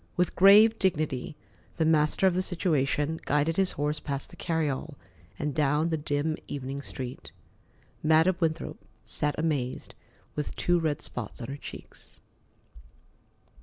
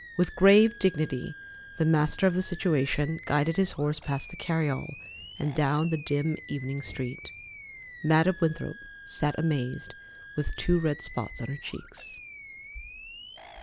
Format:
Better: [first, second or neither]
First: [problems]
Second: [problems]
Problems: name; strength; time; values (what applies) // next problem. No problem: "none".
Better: first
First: none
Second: background sound (Animal); 17 dB below the speech